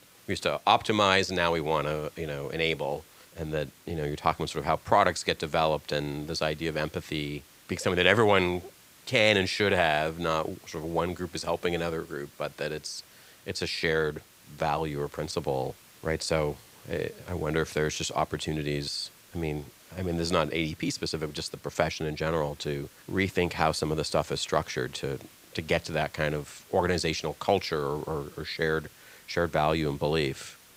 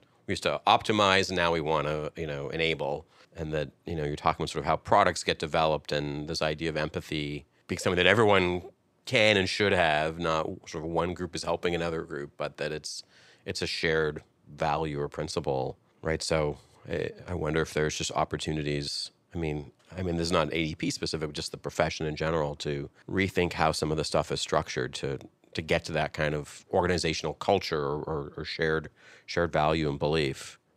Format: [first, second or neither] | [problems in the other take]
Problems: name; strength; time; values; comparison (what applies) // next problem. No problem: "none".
second | hiss; faint; throughout; 25 dB below the speech